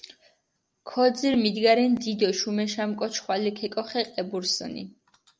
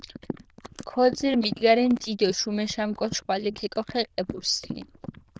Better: first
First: none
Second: noise reduction (neural diffusion model UNIVERSE++)

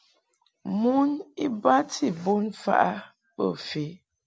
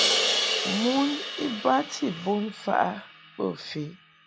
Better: first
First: none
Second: background sound (Crash cymbal); 2 dB below the speech

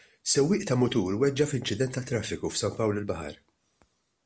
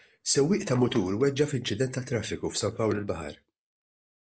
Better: first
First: none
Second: noise reduction (neural mask model Resemble Enhance denoiser)

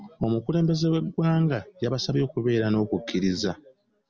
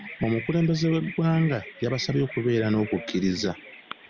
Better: first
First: none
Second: background sound (Bird vocalization, bird call, bird song); 16 dB below the speech

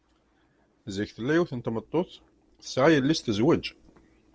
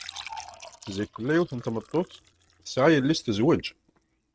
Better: first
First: none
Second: noise reduction (neural mask model RNNoise)

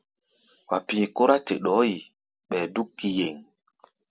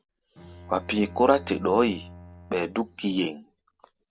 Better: first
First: none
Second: background sound (Bowed string instrument); 18 dB below the speech

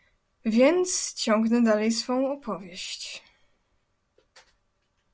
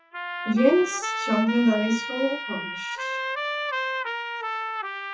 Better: first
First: none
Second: noise reduction (classical method WPE with log-MMSE)

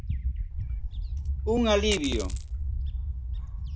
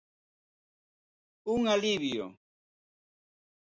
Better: second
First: background sound (Bird + Coin (dropping)); 1 dB above the speech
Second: none

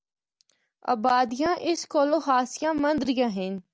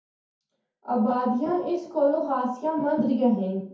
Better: first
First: none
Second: room echo; dies away in 0.6 s

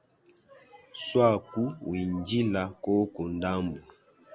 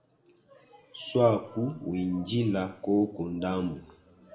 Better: first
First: none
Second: room echo; dies away in 1.1 s

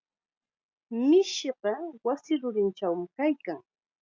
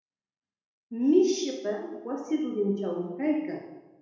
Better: first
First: none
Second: room echo; dies away in 1 s

